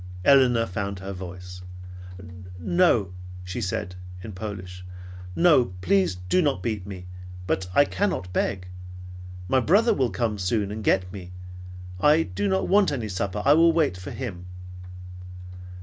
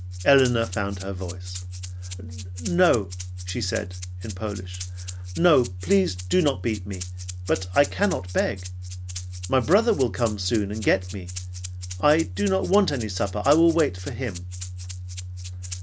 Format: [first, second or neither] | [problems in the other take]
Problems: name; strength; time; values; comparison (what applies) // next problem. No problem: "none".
first | background sound (Rattle (instrument)); 17 dB below the speech